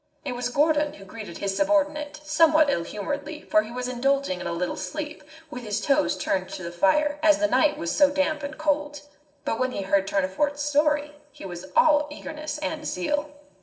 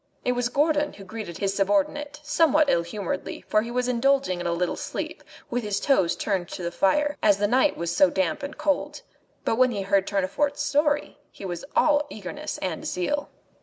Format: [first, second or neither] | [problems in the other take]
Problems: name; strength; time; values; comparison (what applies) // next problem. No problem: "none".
second | room echo; dies away in 0.6 s